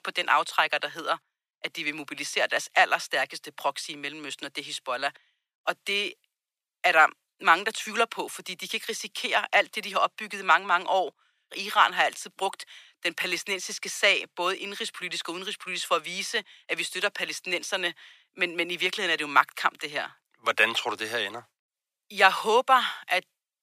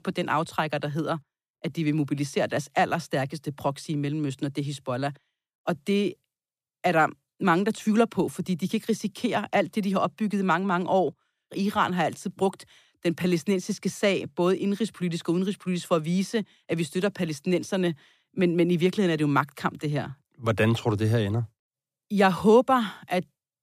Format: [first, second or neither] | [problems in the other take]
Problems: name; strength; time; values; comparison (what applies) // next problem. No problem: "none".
second | thin; very; fading below 800 Hz